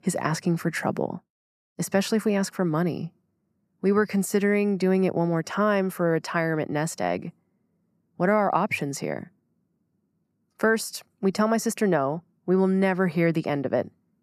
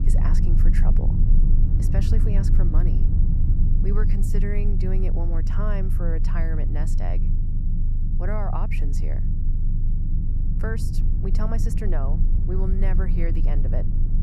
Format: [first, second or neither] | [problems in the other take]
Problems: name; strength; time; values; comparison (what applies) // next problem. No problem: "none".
first | low rumble; loud; throughout; 3 dB below the speech